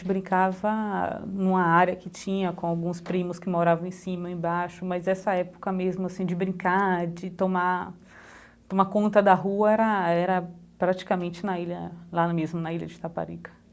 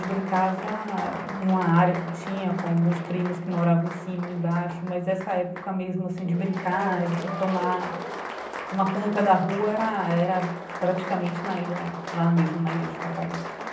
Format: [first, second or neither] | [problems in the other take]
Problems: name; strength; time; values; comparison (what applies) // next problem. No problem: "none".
first | background sound (Applause); 10 dB below the speech // room echo; dies away in 0.6 s